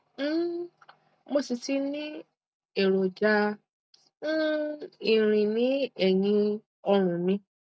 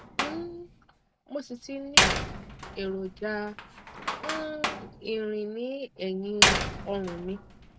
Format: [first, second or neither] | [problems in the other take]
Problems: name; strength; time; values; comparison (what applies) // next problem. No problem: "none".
first | background sound (Slam); 5 dB above the speech